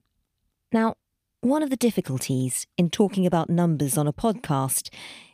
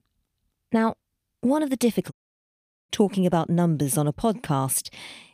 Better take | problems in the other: first | audio cutting out; at 2 s for 1 s

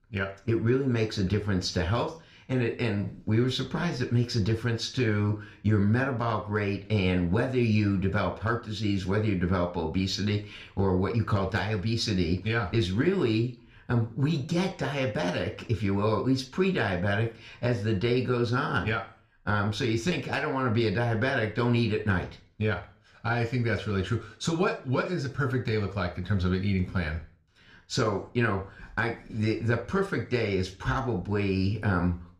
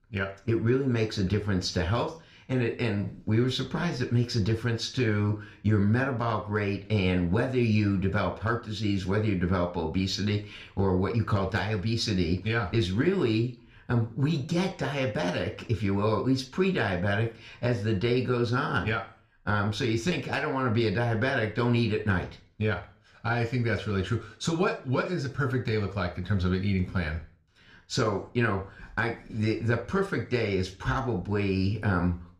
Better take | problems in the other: neither | room echo; very slight; dies away in 0.3 s; the same in both // off-mic speech; somewhat distant; the same in both

